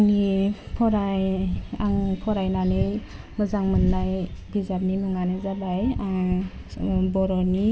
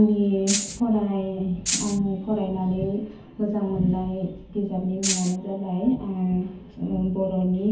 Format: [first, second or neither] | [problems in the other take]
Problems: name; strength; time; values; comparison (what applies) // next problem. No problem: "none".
first | background sound (Rattle (instrument)); 2 dB below the speech // room echo; dies away in 0.5 s